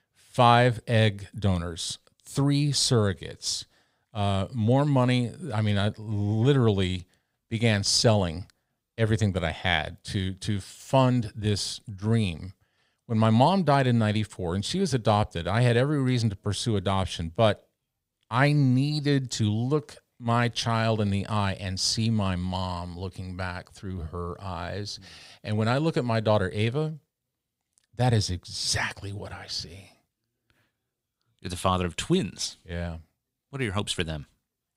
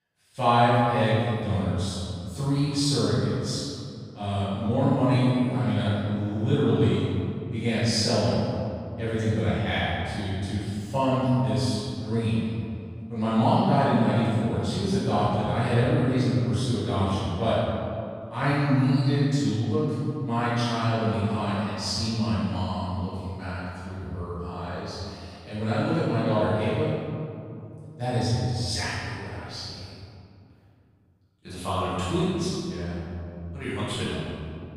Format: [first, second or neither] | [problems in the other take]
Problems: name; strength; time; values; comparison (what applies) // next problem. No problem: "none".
first | room echo; strong; dies away in 2.3 s // off-mic speech; far